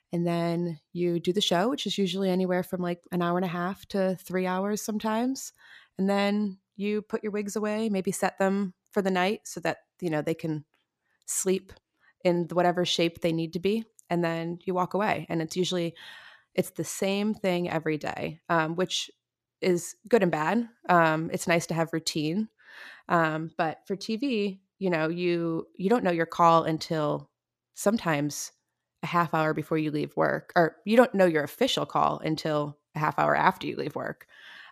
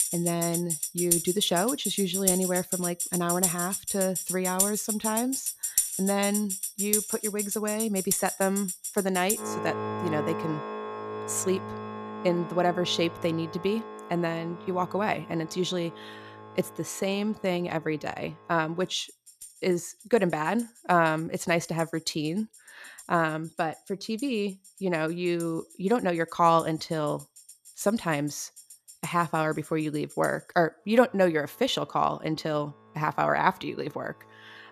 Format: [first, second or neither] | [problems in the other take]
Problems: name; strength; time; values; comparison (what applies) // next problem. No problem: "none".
first | background music; loud; throughout; 2 dB below the speech